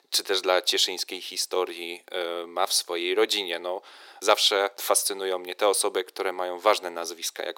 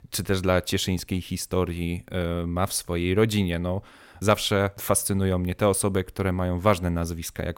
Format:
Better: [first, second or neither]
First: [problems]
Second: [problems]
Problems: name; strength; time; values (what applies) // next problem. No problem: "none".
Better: second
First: thin; very; fading below 350 Hz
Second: none